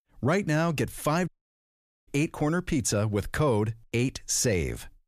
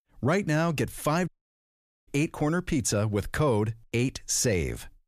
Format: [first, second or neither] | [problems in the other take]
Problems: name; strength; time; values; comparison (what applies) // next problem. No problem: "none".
neither | audio cutting out; at 1.5 s for 1 s; the same in both